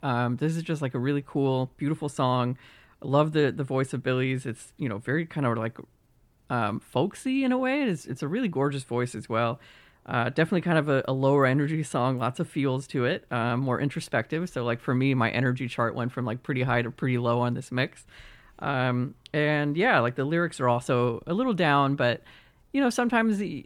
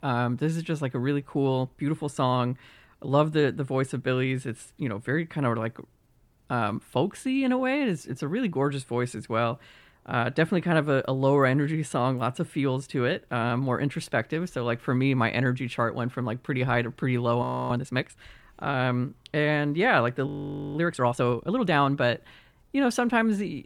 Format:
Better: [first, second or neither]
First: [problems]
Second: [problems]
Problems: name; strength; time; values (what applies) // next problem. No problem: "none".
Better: first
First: none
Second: audio freezing; at 17 s and at 20 s